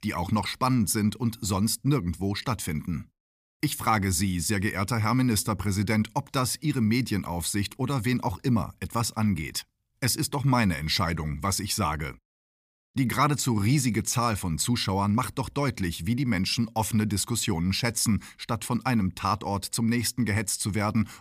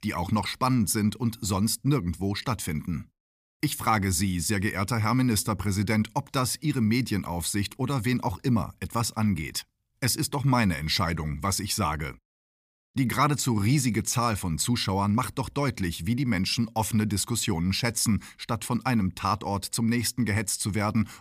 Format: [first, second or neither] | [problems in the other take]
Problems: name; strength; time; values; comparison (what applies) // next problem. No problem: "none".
neither | none